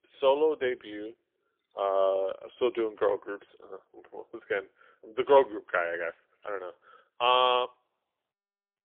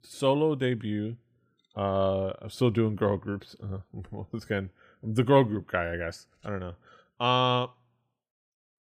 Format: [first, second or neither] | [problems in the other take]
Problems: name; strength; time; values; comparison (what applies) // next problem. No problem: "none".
second | phone-call audio; poor line; nothing above 3.5 kHz